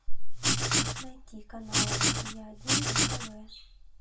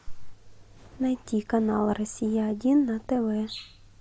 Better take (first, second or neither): second